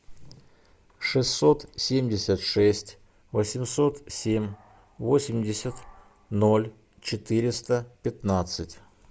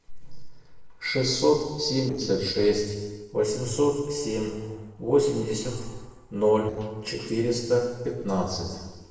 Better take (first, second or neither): first